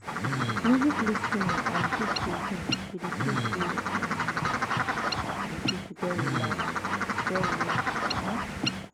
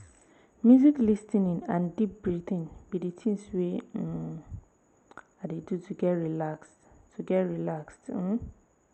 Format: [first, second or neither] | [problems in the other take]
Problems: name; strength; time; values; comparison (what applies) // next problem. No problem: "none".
second | background sound (Bird); 4 dB above the speech